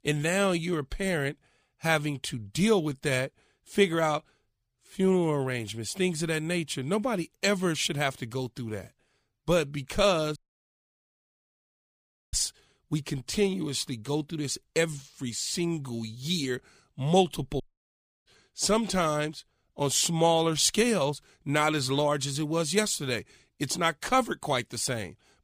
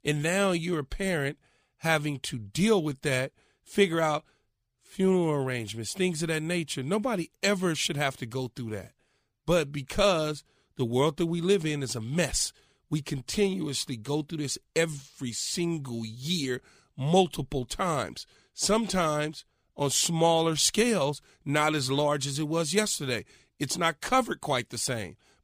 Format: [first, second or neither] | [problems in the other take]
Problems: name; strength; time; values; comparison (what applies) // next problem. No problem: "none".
second | audio cutting out; at 10 s for 2 s and at 18 s for 0.5 s